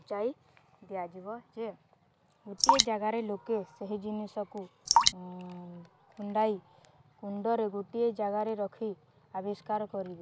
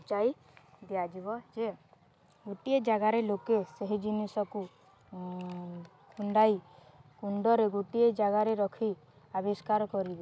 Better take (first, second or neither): second